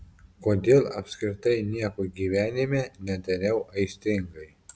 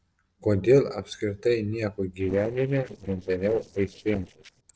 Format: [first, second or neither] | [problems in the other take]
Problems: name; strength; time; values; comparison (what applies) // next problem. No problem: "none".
first | noise reduction (neural separator model SepFormer DNS4)